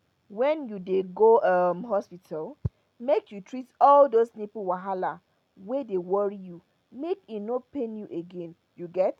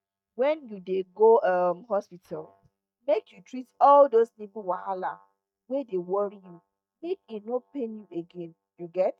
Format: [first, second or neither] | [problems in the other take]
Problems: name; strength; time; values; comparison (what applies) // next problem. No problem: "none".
first | noise reduction (neural mask model DeepFilterNet 3)